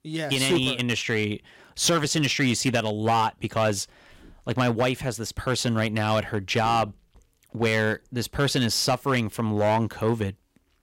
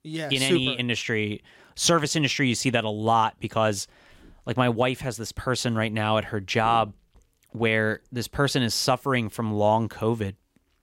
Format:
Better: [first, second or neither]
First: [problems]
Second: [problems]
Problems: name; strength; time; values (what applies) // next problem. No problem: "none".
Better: second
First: distortion; slight; 5% of the sound clipped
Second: none